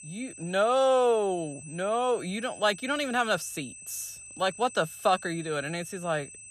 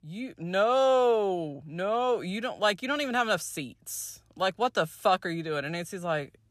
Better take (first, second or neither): second